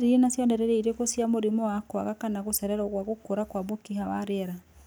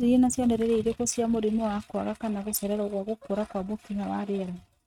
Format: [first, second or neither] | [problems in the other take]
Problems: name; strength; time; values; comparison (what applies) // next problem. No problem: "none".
first | noise reduction (neural mask model RNNoise)